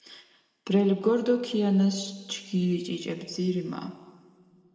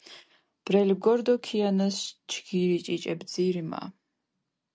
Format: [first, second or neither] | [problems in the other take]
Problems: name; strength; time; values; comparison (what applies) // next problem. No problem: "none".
second | room echo; dies away in 1.8 s